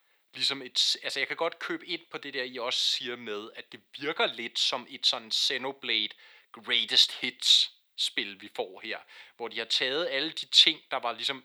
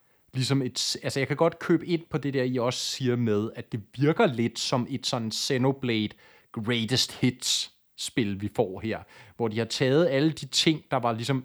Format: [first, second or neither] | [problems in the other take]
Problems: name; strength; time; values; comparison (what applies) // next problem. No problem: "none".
second | thin; somewhat; fading below 450 Hz